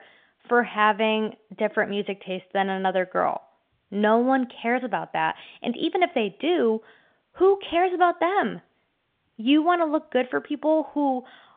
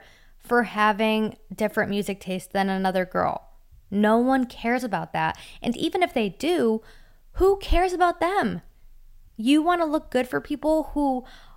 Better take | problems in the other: second | phone-call audio; nothing above 3.5 kHz

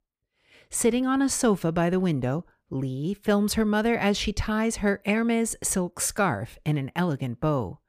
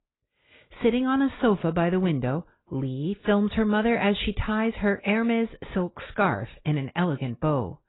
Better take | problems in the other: first | garbled, watery; badly; nothing above 4 kHz

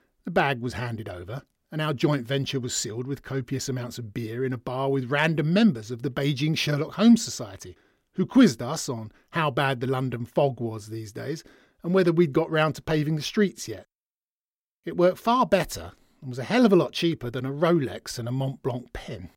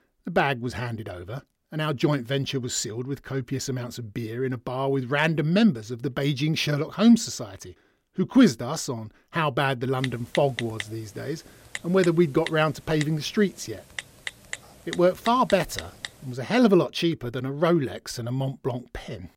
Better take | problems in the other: first | keyboard typing; noticeable; from 10 to 16 s; peak 9 dB below the speech

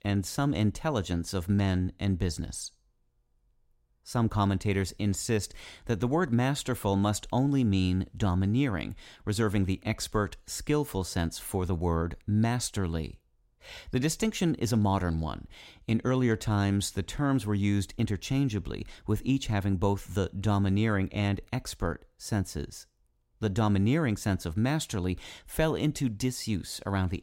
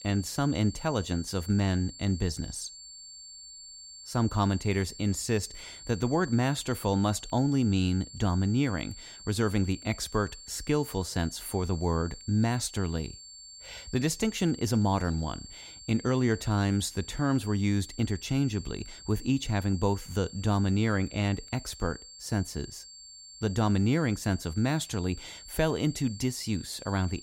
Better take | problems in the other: first | high-pitched whine; noticeable; throughout; 4.5 kHz, 15 dB below the speech

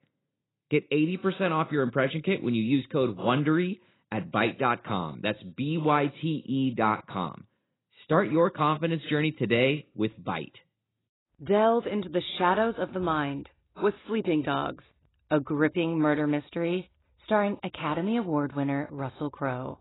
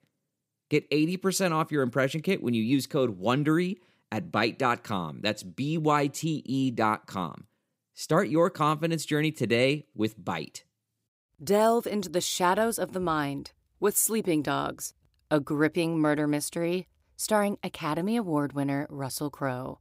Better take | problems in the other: second | garbled, watery; badly; nothing above 4 kHz

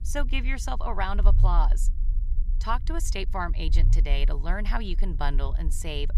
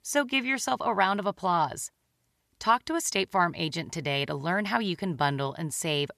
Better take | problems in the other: second | low rumble; noticeable; throughout; 15 dB below the speech

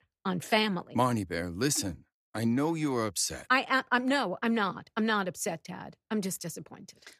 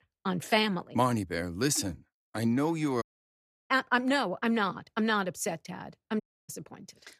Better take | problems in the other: first | audio cutting out; at 3 s for 0.5 s and at 6 s

